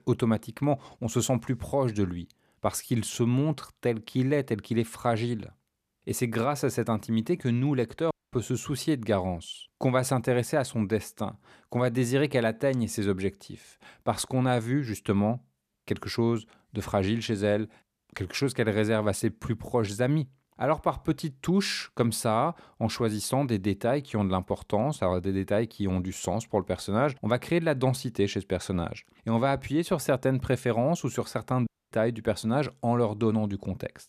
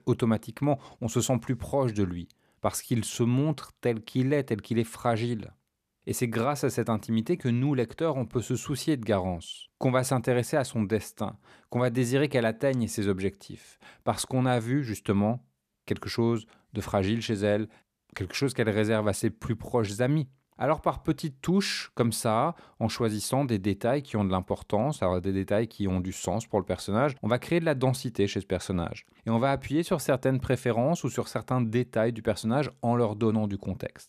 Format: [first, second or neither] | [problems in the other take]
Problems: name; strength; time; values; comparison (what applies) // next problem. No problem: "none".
second | audio cutting out; at 8 s and at 32 s